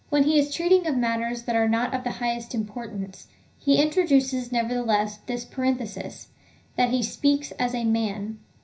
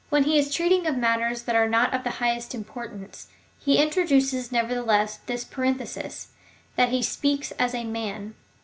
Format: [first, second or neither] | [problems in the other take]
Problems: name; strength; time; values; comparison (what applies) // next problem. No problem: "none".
second | room echo; dies away in 0.5 s